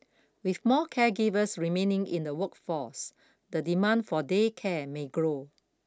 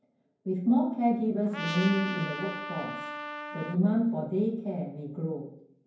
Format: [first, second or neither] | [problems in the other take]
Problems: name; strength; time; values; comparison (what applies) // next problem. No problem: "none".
first | background sound (Trumpet); 8 dB below the speech // room echo; dies away in 0.9 s